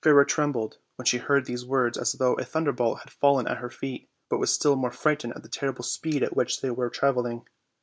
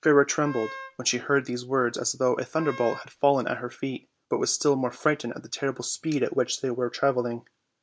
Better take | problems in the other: first | background sound (Wind instrument, woodwind instrument); 15 dB below the speech

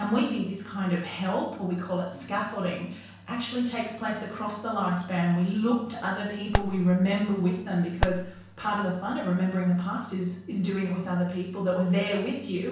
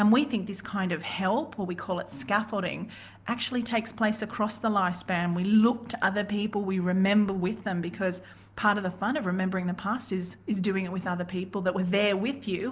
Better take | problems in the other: second | background sound (Fireworks); 4 dB below the speech // room echo; dies away in 0.7 s

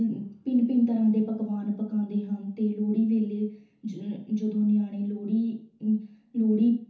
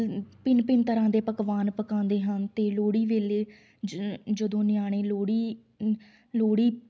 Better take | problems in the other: second | room echo; dies away in 0.9 s

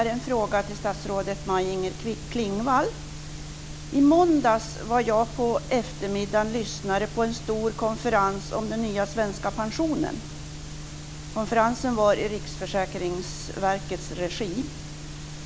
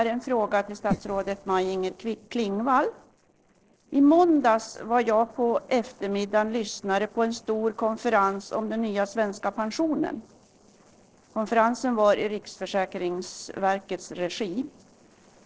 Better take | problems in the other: first | noise reduction (neural separator model SepFormer DNS4)

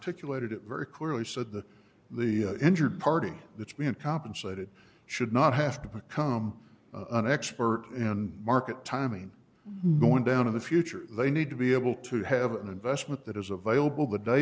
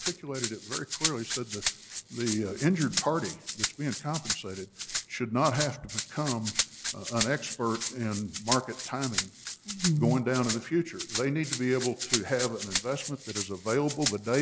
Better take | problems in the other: first | background sound (Rattle (instrument)); 5 dB below the speech

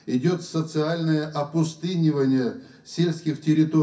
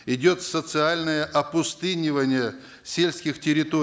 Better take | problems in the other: second | room echo; dies away in 0.3 s

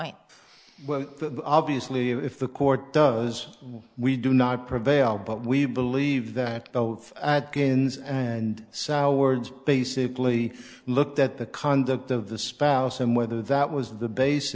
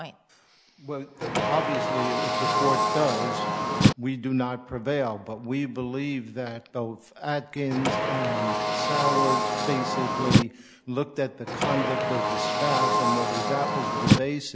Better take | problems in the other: first | background sound (Car); 5 dB above the speech

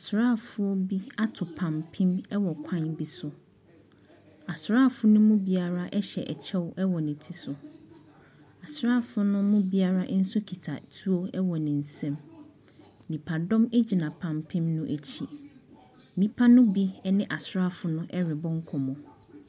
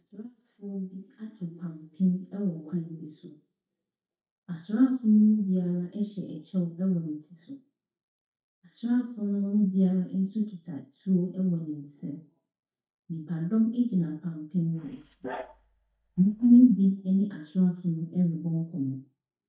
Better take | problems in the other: first | noise reduction (neural mask model DeepFilterNet 3)

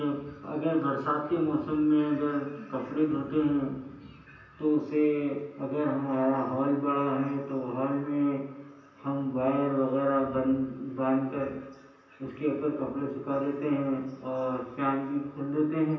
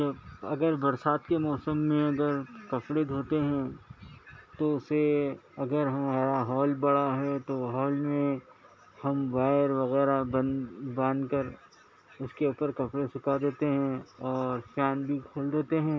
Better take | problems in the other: second | room echo; dies away in 0.9 s

